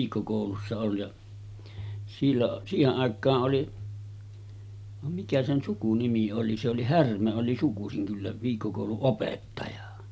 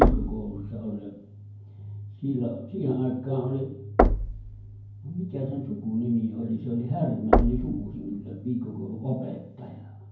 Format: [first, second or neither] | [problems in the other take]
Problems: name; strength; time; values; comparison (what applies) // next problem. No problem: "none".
first | background sound (Knock); 2 dB above the speech // room echo; dies away in 0.9 s